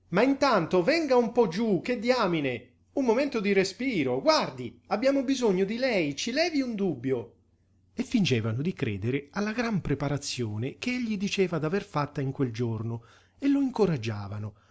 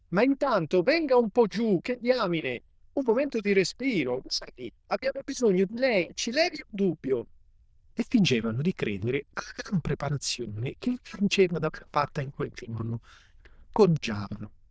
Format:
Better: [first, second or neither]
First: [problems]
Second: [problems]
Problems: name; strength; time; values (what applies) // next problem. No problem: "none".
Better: first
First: none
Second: noise reduction (neural diffusion model UNIVERSE++)